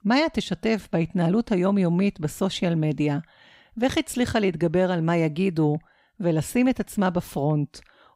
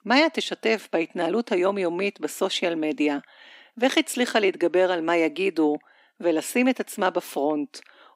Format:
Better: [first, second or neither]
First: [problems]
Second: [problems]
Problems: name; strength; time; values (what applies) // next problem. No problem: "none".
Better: first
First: none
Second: thin; somewhat; fading below 250 Hz